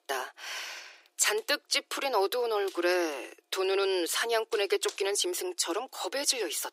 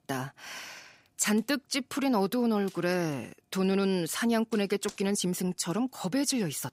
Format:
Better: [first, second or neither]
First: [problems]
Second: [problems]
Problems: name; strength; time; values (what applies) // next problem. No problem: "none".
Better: second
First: thin; very; fading below 350 Hz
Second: none